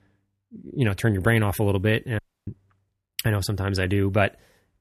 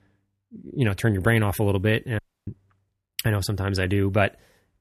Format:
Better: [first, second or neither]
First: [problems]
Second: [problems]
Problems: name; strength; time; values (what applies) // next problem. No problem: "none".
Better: neither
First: audio cutting out; at 2 s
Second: audio cutting out; at 2 s